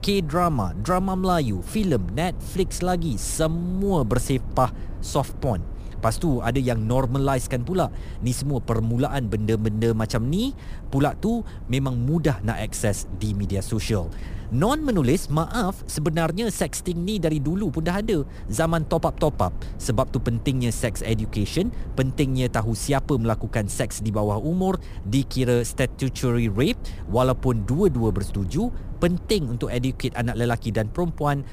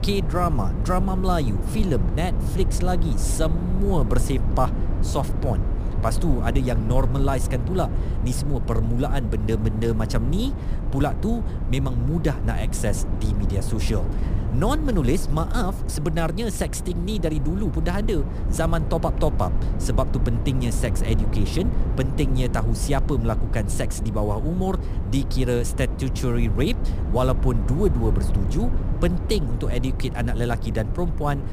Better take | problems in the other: first | low rumble; loud; throughout; 9 dB below the speech; faint in the first

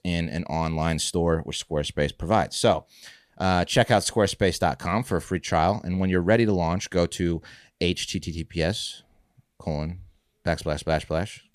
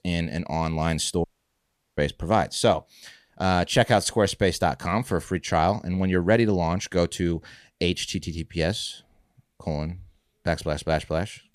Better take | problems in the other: first | audio cutting out; at 1 s for 0.5 s

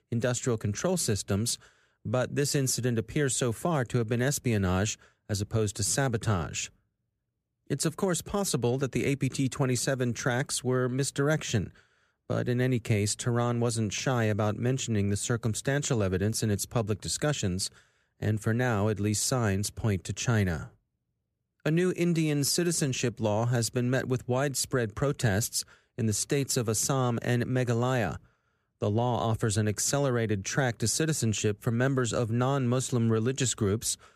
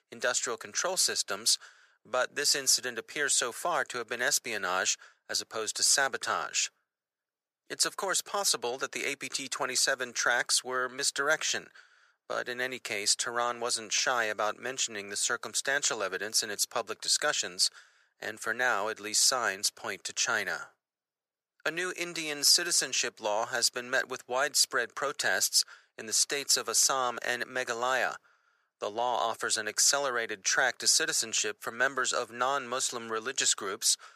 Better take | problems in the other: first | thin; very; fading below 750 Hz

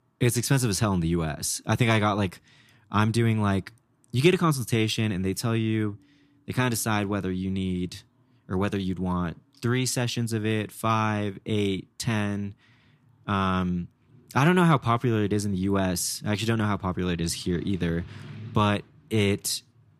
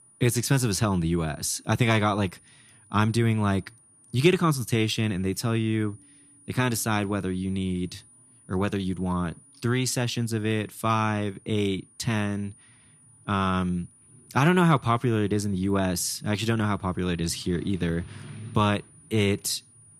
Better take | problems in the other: first | high-pitched whine; faint; throughout; 9.5 kHz, 25 dB below the speech

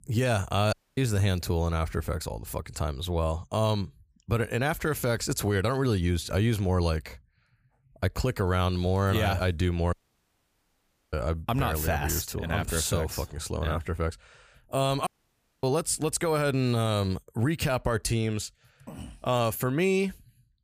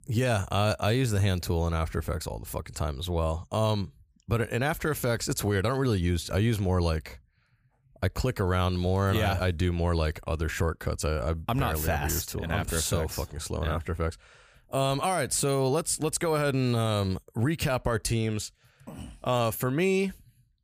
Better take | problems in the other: second | audio cutting out; at 0.5 s, at 10 s for 1 s and at 15 s for 0.5 s

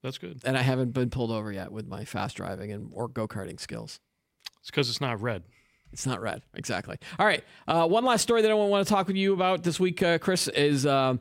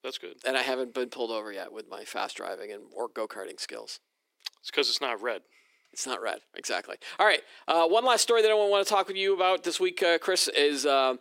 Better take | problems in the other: first | thin; somewhat; fading below 350 Hz

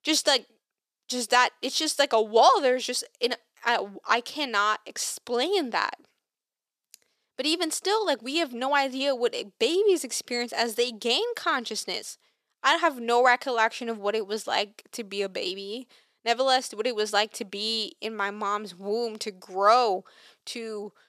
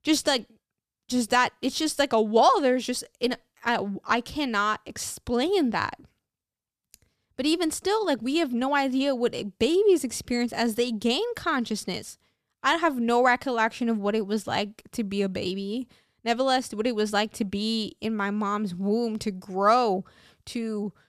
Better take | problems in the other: second | thin; somewhat; fading below 450 Hz

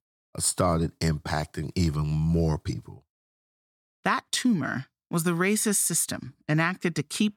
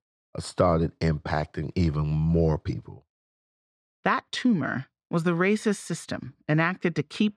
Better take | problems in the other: first | muffled; slightly; fading above 3.5 kHz

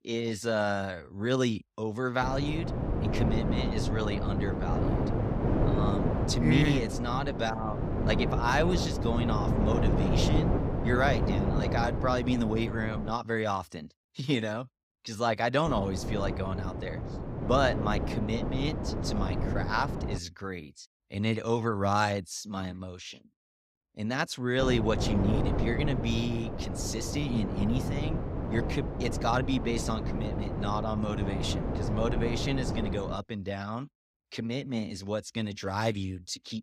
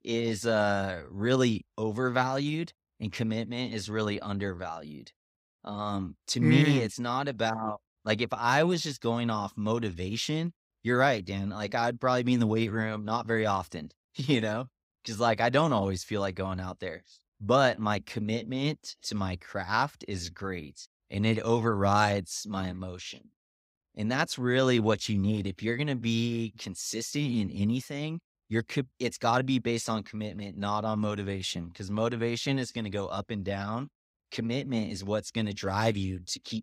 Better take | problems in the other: second | wind noise on the microphone; heavy; from 2 to 13 s, from 16 to 20 s and from 25 to 33 s; 5 dB below the speech

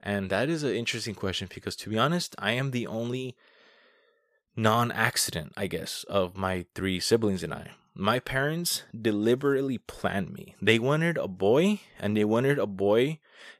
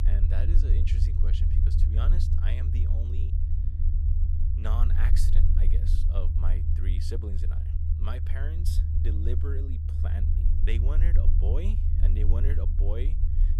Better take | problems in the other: first | low rumble; loud; throughout; 1 dB below the speech

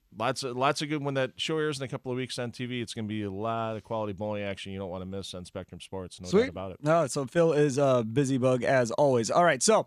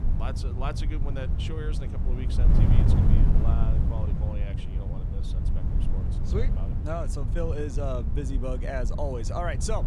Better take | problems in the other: first | wind noise on the microphone; heavy; 4 dB below the speech

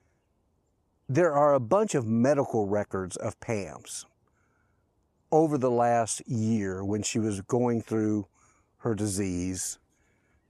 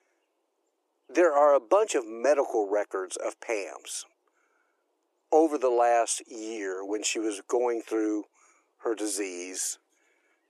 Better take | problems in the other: first | thin; very; fading below 300 Hz

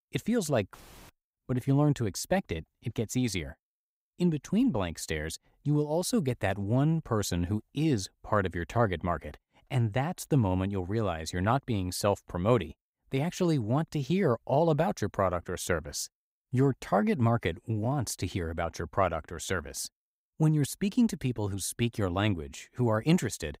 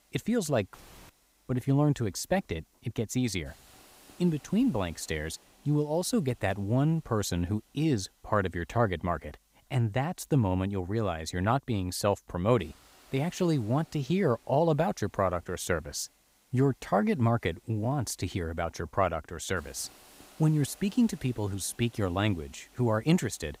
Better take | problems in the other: first | hiss; faint; throughout; 30 dB below the speech

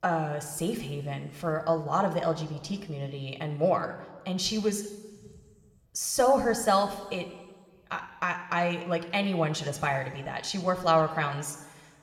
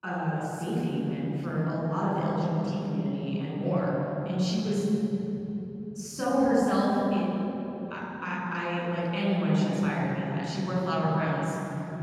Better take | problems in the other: first | room echo; strong; dies away in 3 s; slight in the first // off-mic speech; far

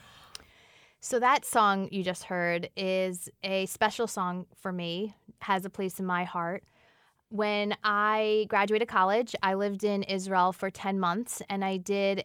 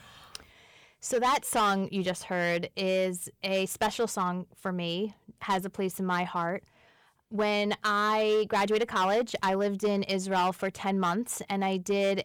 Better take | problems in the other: first | distortion; slight; 6% of the sound clipped

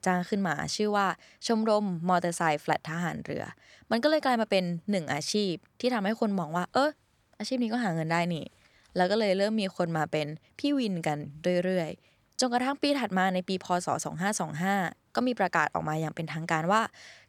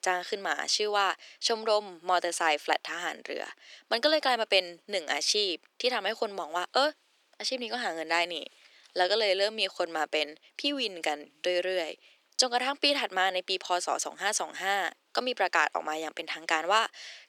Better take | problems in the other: first | thin; somewhat; fading below 300 Hz

